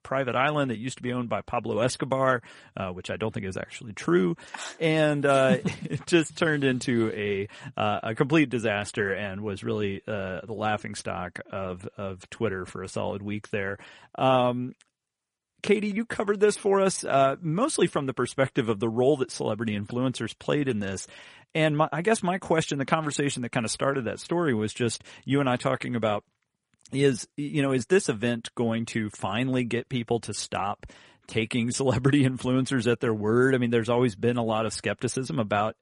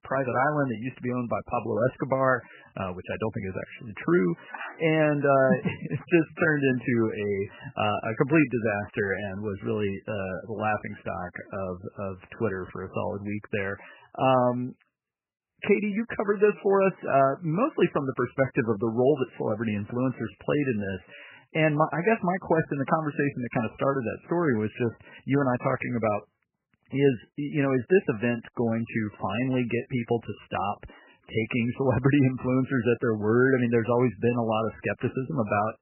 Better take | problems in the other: first | garbled, watery; badly; nothing above 3 kHz; slightly in the first

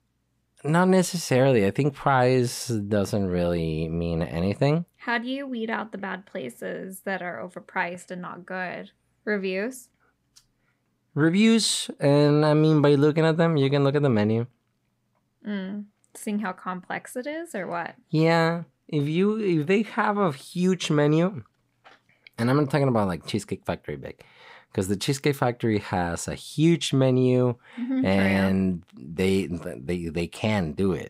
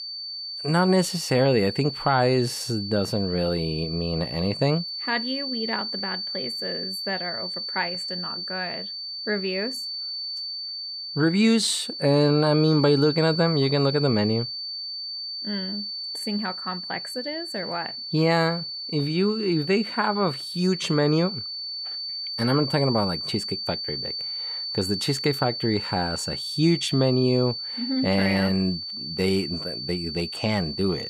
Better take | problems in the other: first | high-pitched whine; loud; throughout; 4.5 kHz, 5 dB below the speech

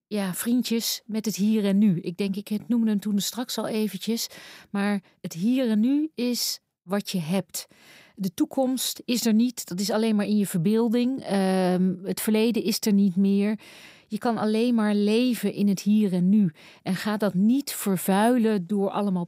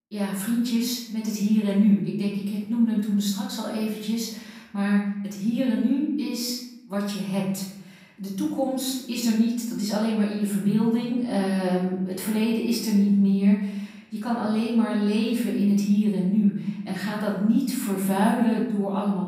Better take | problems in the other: first | room echo; noticeable; dies away in 0.8 s // off-mic speech; far

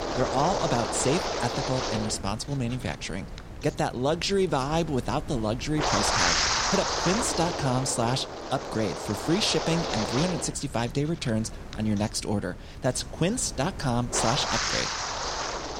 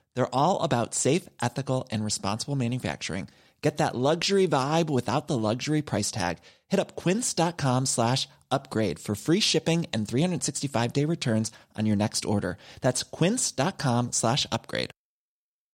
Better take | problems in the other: second | wind noise on the microphone; heavy; 2 dB above the speech

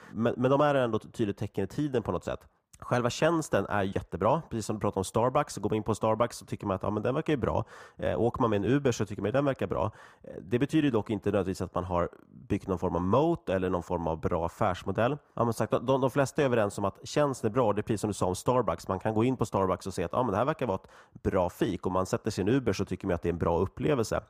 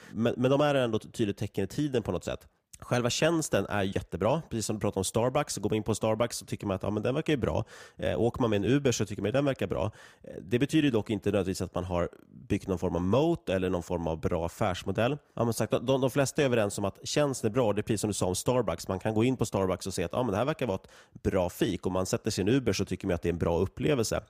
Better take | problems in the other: second | muffled; very slightly; fading above 2 kHz

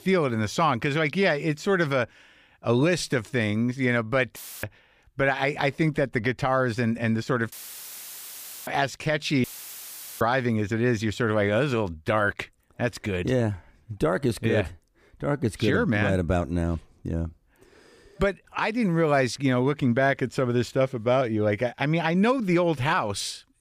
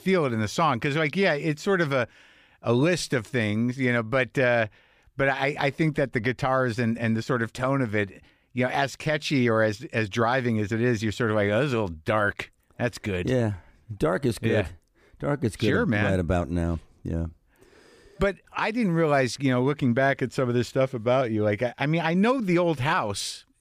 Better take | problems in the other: second | audio cutting out; filled with static; at 4.5 s, at 7.5 s for 1 s and at 9.5 s for 1 s

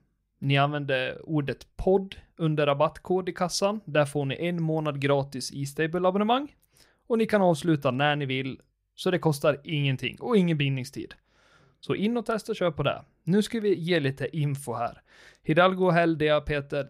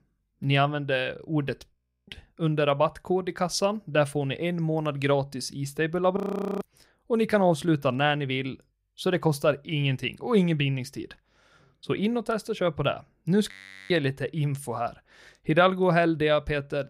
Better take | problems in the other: first | audio freezing; at 1.5 s, at 6 s and at 14 s

